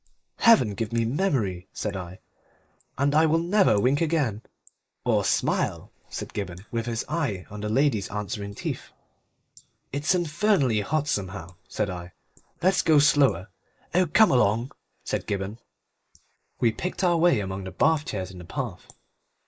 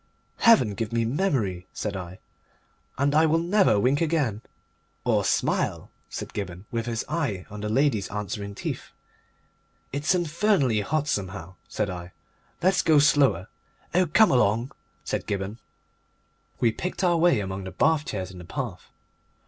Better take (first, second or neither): second